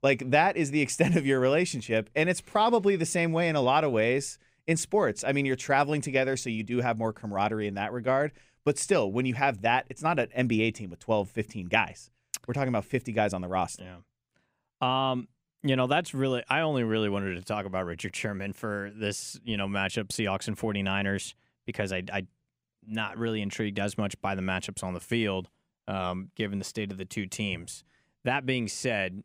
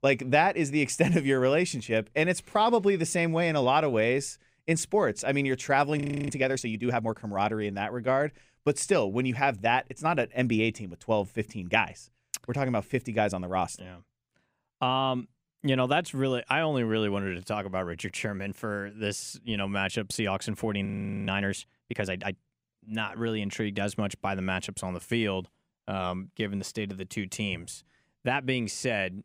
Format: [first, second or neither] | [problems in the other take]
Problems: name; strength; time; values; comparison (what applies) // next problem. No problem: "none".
first | audio freezing; at 6 s and at 21 s